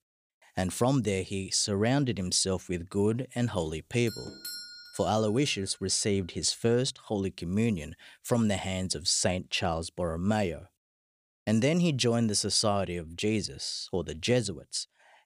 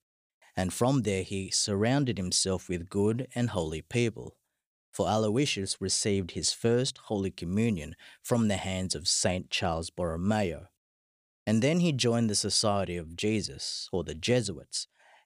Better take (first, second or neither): second